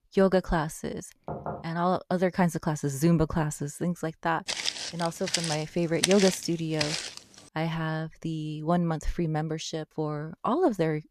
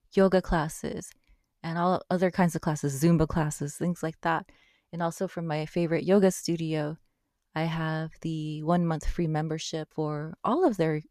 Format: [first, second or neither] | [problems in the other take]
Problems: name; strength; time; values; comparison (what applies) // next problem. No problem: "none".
second | door banging; noticeable; at 1.5 s; peak 8 dB below the speech // footsteps; loud; from 4.5 to 7 s; peak 2 dB above the speech